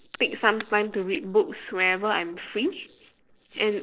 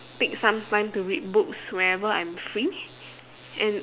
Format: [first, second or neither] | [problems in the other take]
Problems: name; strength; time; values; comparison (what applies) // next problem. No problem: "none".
second | noise reduction (neural separator model SepFormer DNS4)